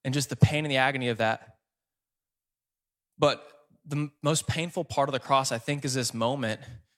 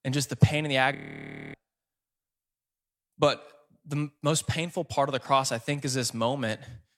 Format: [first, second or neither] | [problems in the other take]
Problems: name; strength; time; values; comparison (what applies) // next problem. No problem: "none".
first | audio freezing; at 1 s for 0.5 s